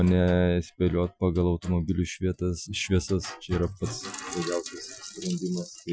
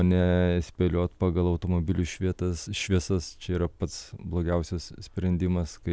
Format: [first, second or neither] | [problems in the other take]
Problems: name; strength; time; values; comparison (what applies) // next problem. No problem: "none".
second | noise reduction (classical method Wiener filter)